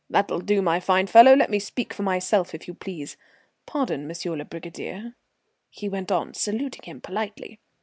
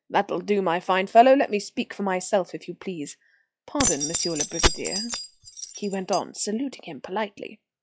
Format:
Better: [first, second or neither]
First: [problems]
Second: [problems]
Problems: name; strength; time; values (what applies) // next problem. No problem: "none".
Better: first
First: none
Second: noise reduction (classical method log-MMSE)